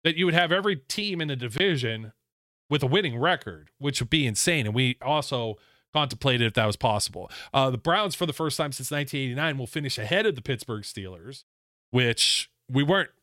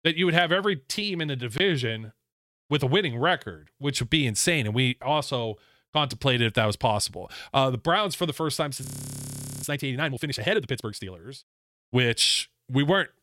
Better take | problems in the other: first | audio freezing; at 9 s for 1 s

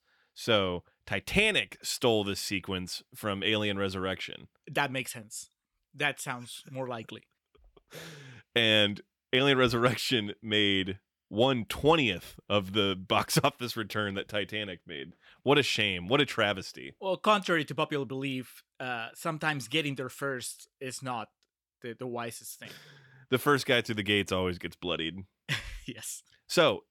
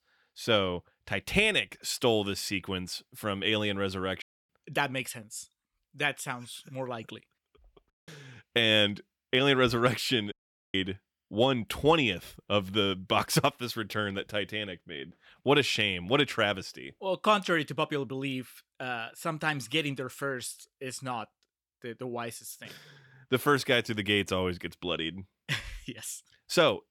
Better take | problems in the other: first | audio cutting out; at 4 s, at 8 s and at 10 s

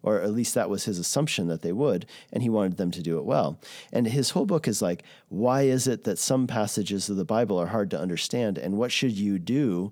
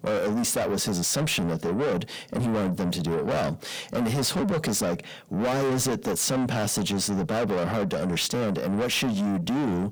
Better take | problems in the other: first | distortion; heavy; 6 dB below the speech

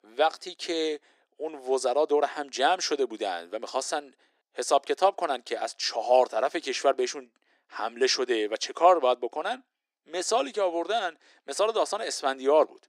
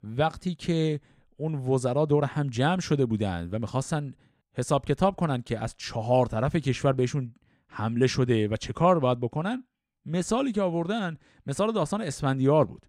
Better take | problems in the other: second | thin; very; fading below 350 Hz

